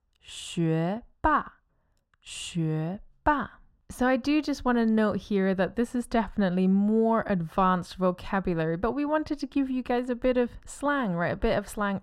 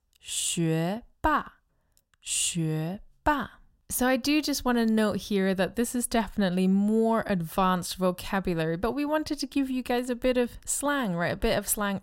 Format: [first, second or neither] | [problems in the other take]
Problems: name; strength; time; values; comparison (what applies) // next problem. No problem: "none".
second | muffled; slightly; fading above 1.5 kHz